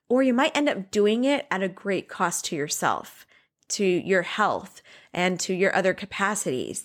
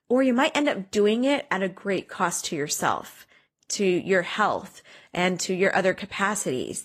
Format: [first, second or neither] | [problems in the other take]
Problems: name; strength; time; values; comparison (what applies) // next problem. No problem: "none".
first | garbled, watery; slightly; nothing above 13.5 kHz